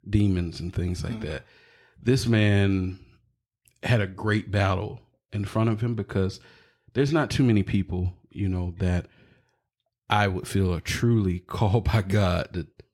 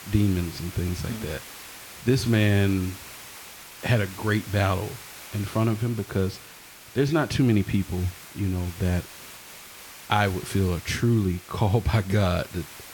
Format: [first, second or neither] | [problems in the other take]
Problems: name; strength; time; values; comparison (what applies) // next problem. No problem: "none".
first | hiss; noticeable; throughout; 15 dB below the speech